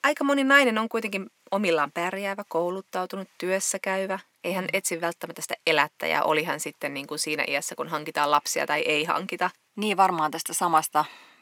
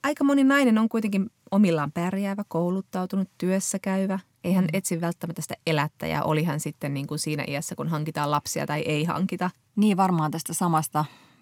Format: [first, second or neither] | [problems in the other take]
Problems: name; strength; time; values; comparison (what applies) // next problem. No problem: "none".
second | thin; somewhat; fading below 450 Hz